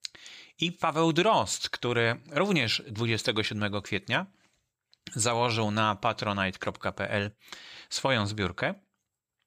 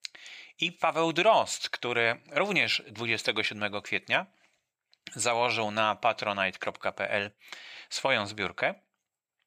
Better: first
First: none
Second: thin; somewhat; fading below 550 Hz

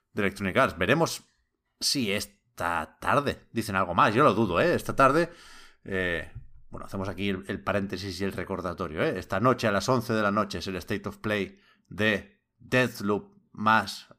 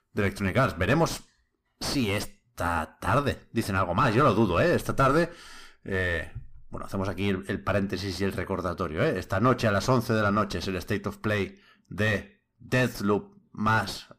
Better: first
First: none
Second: distortion; heavy; 5 dB below the speech

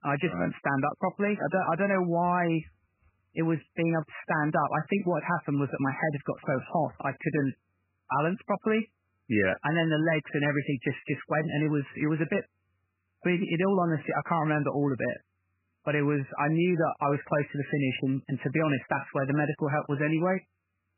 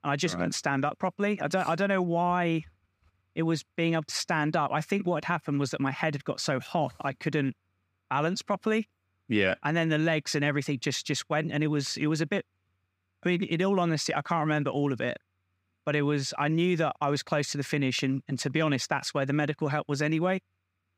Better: second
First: garbled, watery; badly; nothing above 3 kHz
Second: none

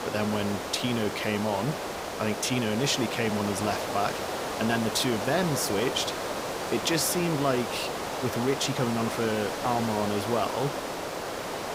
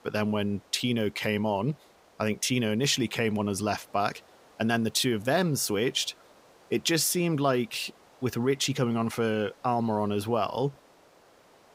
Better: second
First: hiss; loud; throughout; 3 dB below the speech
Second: hiss; faint; throughout; 30 dB below the speech

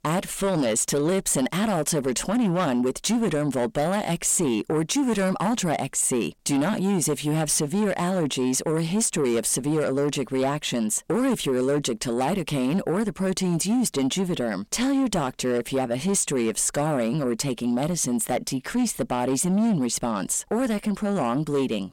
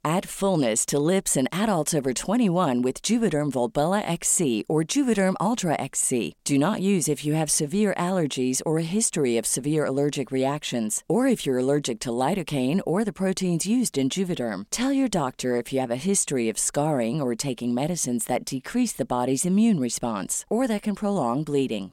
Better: second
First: distortion; slight; 10 dB below the speech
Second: none

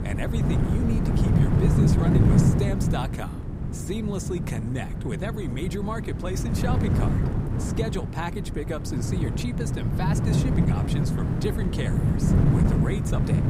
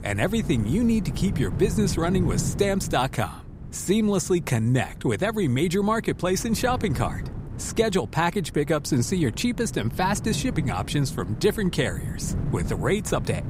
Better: second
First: wind noise on the microphone; heavy; 1 dB above the speech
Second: wind noise on the microphone; occasional gusts; 15 dB below the speech

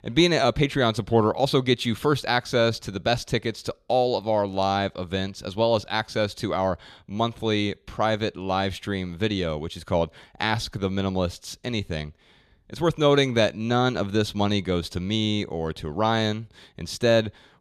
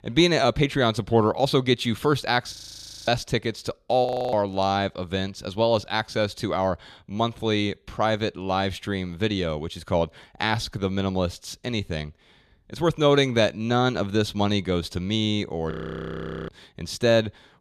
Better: first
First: none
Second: audio freezing; at 2.5 s for 0.5 s, at 4 s and at 16 s for 1 s

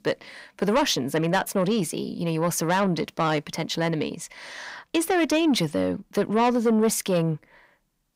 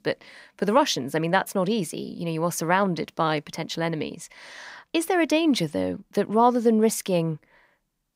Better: second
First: distortion; slight; 10 dB below the speech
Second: none

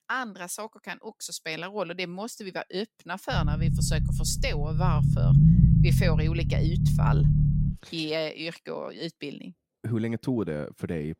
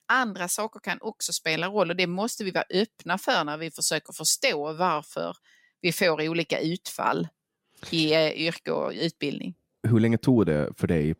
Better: second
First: low rumble; loud; from 3.5 to 7.5 s; 1 dB below the speech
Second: none

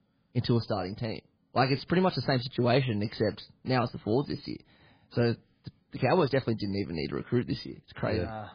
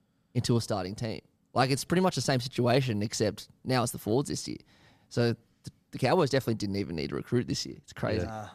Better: second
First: garbled, watery; badly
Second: none

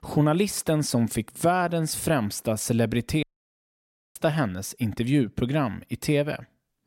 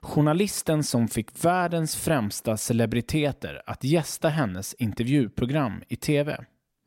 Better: second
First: audio cutting out; at 3 s for 1 s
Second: none

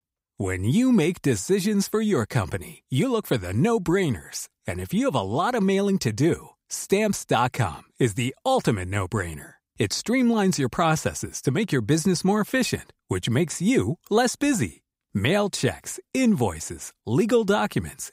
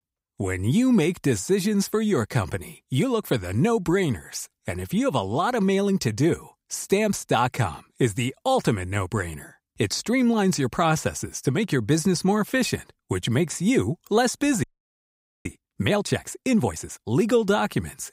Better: first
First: none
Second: audio freezing; at 15 s for 1 s

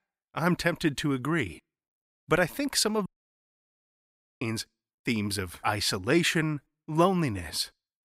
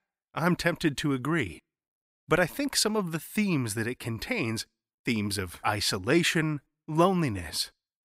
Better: second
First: audio cutting out; at 3 s for 1.5 s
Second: none

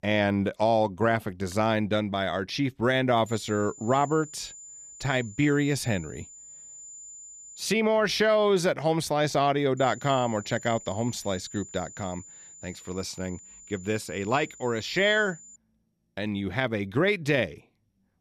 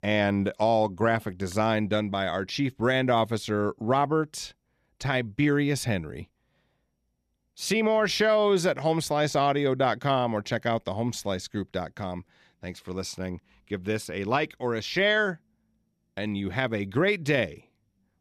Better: second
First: high-pitched whine; noticeable; from 3.5 to 7.5 s and from 10 to 16 s; 7 kHz, 20 dB below the speech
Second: none

